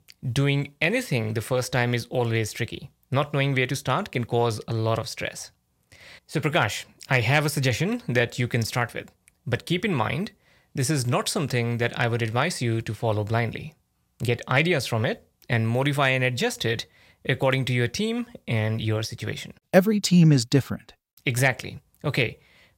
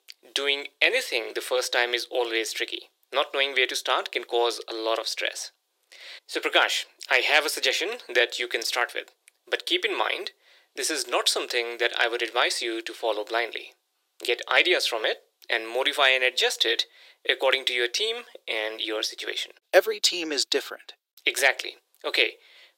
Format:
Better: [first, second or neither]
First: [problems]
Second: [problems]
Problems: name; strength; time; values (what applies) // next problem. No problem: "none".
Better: first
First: none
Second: thin; very; fading below 350 Hz